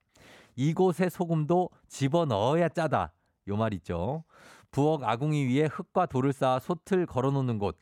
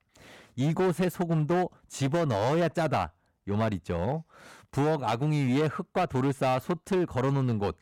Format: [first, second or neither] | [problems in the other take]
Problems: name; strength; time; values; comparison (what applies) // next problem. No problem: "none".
first | distortion; slight; 12% of the sound clipped